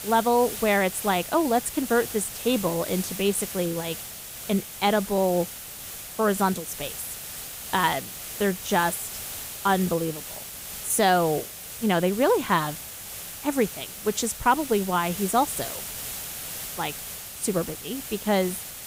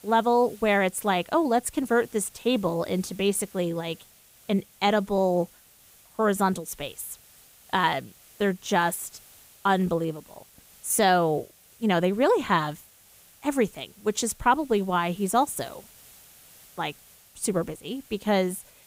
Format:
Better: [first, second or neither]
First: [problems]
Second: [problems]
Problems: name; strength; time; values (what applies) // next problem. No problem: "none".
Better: second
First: hiss; loud; throughout; 9 dB below the speech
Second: hiss; faint; throughout; 25 dB below the speech